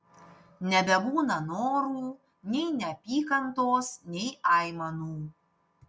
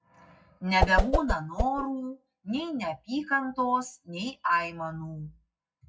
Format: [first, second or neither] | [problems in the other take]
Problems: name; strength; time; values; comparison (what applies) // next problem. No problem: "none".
first | noise reduction (classical method WPE with log-MMSE)